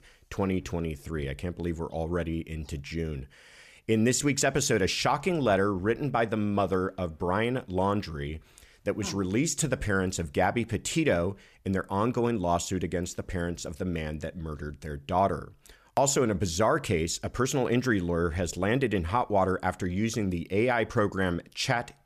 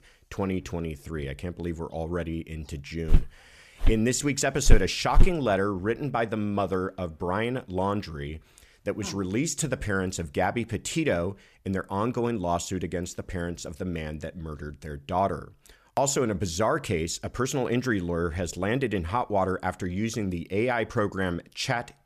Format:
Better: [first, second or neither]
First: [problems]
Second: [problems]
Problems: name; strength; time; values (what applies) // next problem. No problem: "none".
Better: first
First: none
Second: footsteps; loud; from 3 to 5.5 s; peak 2 dB above the speech